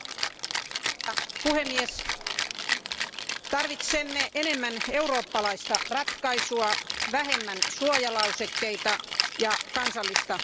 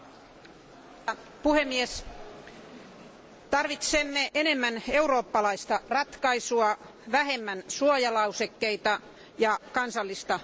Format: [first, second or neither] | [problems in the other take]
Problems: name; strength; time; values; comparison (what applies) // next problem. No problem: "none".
second | background sound (Rattle (instrument)); 1 dB below the speech